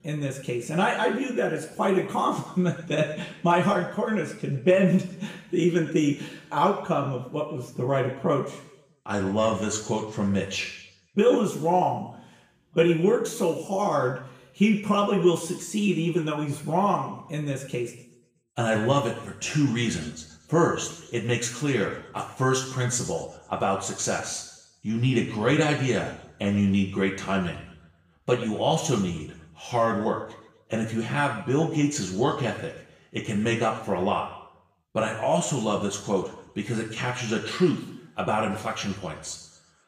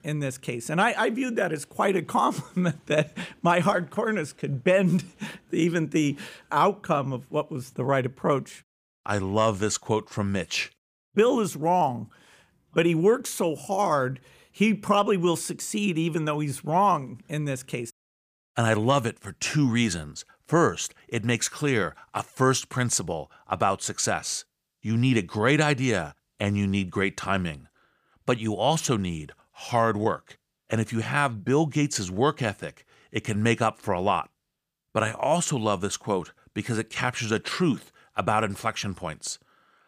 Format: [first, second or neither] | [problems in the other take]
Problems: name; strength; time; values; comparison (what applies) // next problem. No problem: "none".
second | room echo; noticeable; dies away in 0.8 s // off-mic speech; far